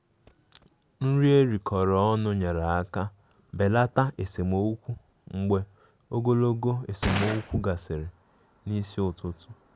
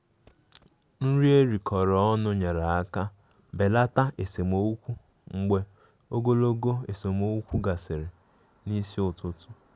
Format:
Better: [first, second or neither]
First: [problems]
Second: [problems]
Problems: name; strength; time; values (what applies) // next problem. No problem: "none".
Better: second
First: background sound (Gunshot, gunfire); 6 dB below the speech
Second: none